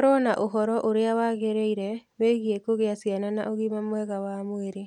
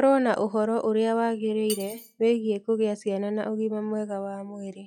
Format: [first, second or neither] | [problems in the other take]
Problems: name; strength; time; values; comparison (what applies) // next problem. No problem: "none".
first | noise reduction (classical method log-MMSE)